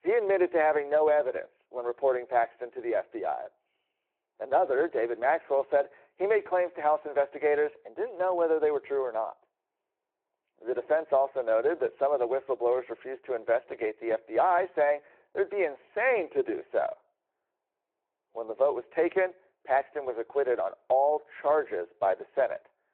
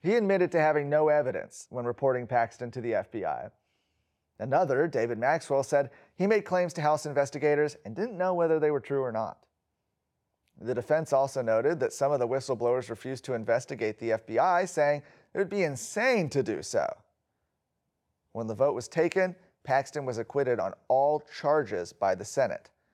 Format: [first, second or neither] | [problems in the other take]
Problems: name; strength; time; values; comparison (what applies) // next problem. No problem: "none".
second | phone-call audio